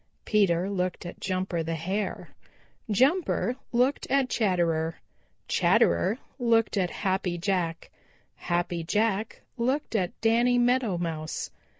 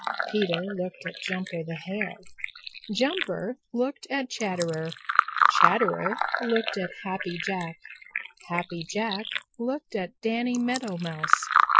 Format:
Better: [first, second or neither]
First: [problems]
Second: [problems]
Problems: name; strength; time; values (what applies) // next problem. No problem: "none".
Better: first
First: none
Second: noise reduction (classical method Wiener filter)